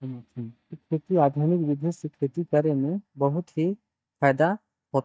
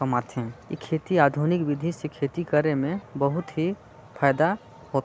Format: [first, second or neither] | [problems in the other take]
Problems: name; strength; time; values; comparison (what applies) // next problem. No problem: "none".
second | noise reduction (neural mask model DeepFilterNet 3)